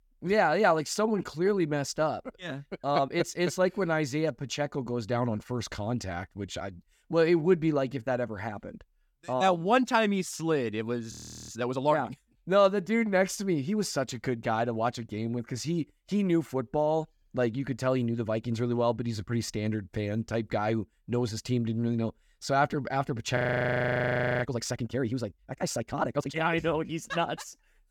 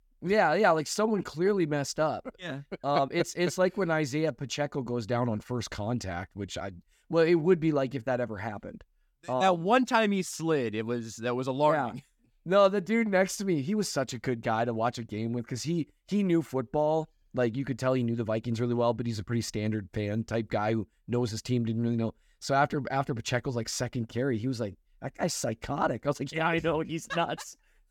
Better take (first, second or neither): second